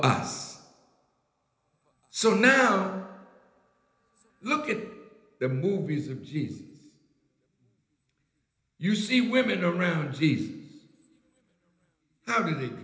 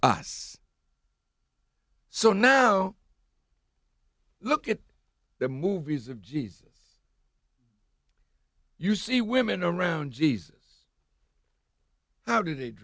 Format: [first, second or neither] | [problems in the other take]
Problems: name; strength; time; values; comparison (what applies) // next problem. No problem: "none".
second | room echo; dies away in 1 s